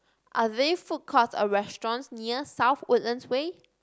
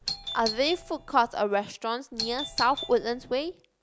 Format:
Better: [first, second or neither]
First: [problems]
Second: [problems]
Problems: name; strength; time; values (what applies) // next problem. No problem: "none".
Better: first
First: none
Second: background sound (Doorbell); 9 dB below the speech